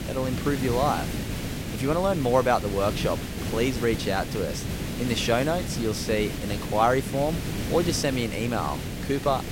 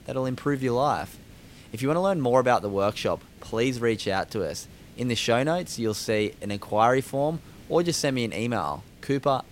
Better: second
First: hiss; loud; throughout; 5 dB below the speech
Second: hiss; faint; throughout; 25 dB below the speech

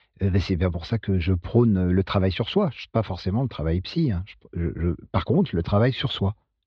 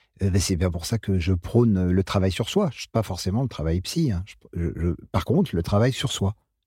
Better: second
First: muffled; slightly; fading above 4 kHz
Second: none

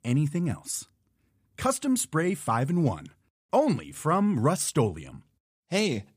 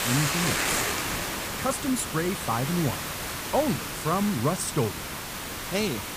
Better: first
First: none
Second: hiss; loud; throughout; 1 dB below the speech

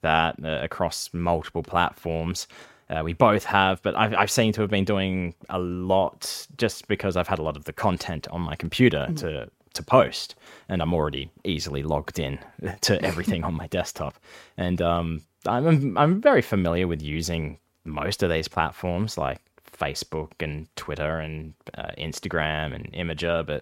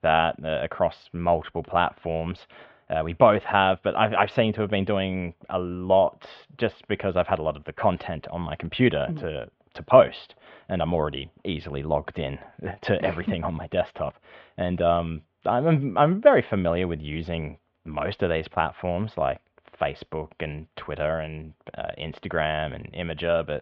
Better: first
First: none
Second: muffled; very; fading above 3.5 kHz

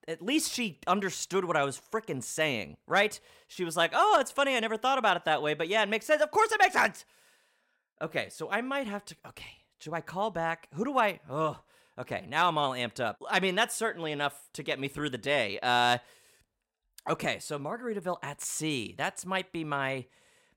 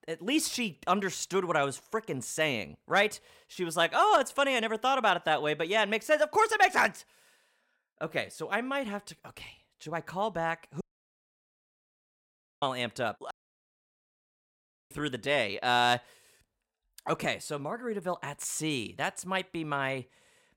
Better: first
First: none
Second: audio cutting out; at 11 s for 2 s and at 13 s for 1.5 s

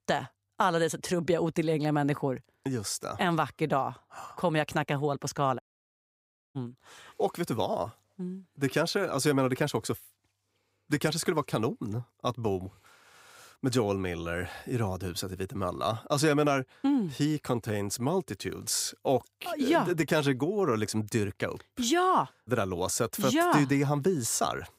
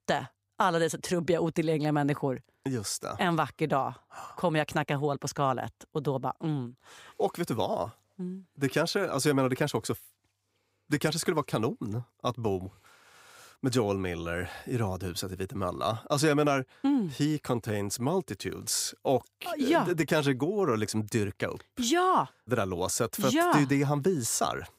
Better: second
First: audio cutting out; at 5.5 s for 1 s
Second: none

